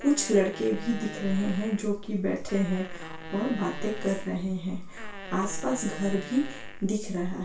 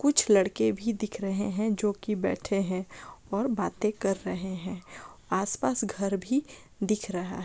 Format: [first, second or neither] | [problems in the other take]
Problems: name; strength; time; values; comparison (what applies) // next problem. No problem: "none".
second | background sound (Fart); 15 dB below the speech // room echo; dies away in 0.3 s